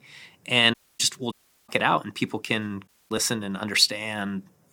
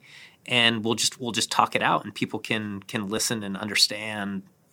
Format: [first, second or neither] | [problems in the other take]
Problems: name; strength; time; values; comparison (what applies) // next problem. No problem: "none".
second | audio cutting out; at 0.5 s, at 1.5 s and at 3 s